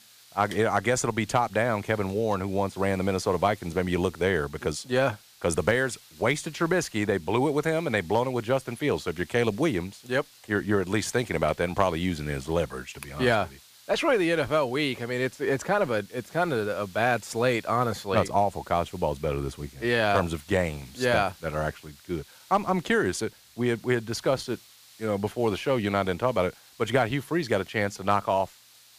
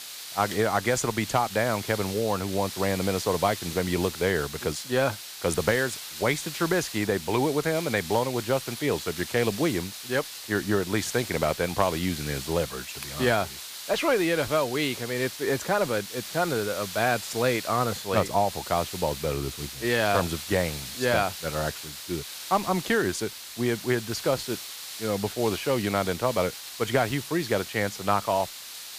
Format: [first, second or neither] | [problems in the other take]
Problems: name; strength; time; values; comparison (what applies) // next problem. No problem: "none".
first | hiss; loud; throughout; 9 dB below the speech; faint in the first